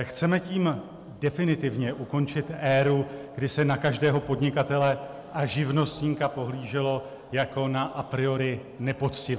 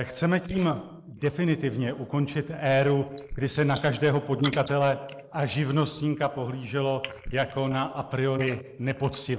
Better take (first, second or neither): first